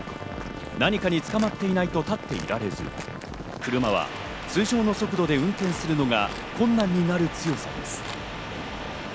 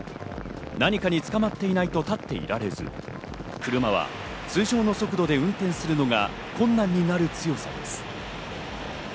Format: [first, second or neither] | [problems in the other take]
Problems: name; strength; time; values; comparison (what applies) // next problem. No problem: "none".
second | background sound (Livestock, farm animals, working animals + Trumpet); 14 dB below the speech